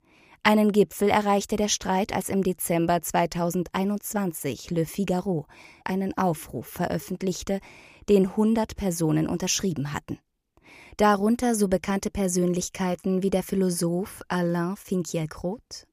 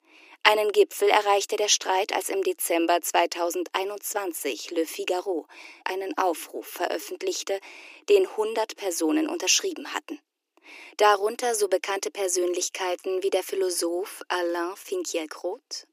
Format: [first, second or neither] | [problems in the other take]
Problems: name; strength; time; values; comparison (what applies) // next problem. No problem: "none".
first | thin; very; fading below 300 Hz